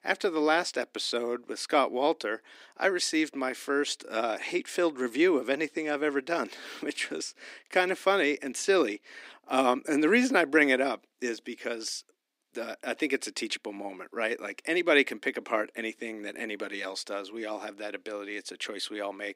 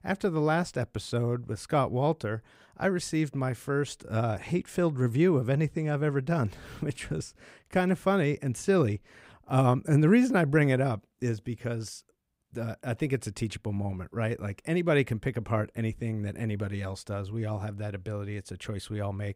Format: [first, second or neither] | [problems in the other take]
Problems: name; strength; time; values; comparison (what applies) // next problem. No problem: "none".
second | thin; somewhat; fading below 250 Hz